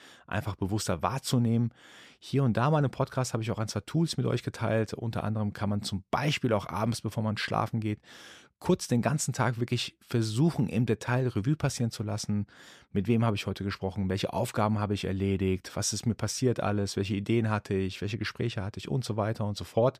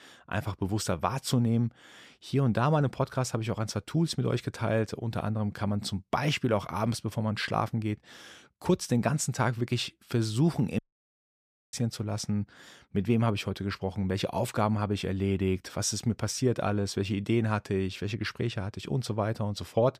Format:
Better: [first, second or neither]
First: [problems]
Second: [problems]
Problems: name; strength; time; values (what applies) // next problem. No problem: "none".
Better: first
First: none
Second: audio cutting out; at 11 s for 1 s